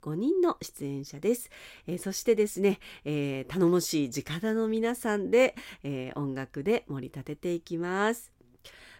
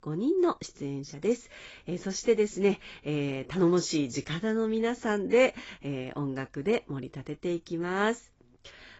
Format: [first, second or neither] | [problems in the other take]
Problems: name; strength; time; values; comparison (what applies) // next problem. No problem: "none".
first | garbled, watery; badly; nothing above 7.5 kHz